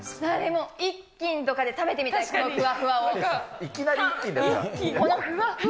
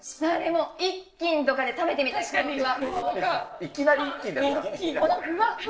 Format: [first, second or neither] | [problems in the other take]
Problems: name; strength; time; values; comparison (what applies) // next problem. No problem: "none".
first | noise reduction (neural separator model SepFormer DNS4)